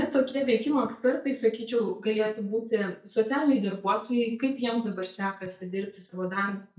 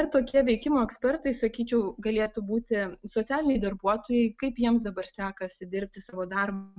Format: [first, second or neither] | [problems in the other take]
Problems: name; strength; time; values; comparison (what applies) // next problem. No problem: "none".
second | noise reduction (neural mask model DeepFilterNet 3)